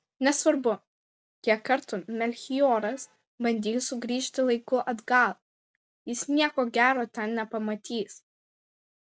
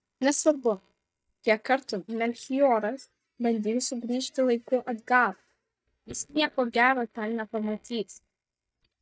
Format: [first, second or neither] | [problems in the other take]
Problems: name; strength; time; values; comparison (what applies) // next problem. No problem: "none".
first | noise reduction (neural mask model DeepFilterNet 3)